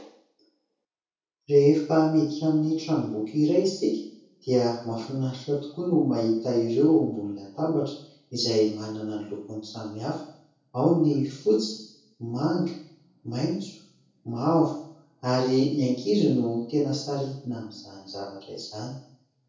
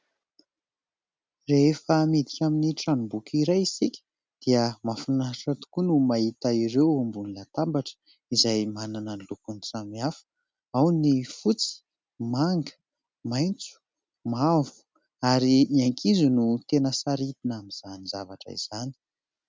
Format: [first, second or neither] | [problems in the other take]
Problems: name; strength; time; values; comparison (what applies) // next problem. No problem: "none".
second | room echo; dies away in 0.6 s